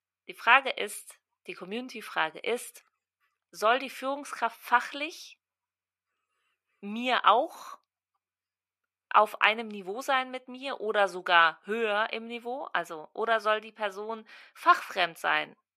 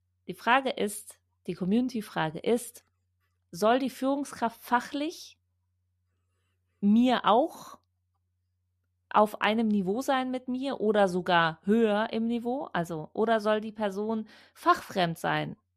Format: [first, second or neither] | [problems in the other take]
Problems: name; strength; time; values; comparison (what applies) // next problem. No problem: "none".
second | thin; somewhat; fading below 450 Hz